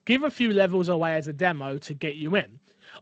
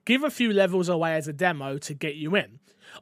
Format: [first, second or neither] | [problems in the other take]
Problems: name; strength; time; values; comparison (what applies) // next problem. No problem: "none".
second | garbled, watery; slightly; nothing above 7.5 kHz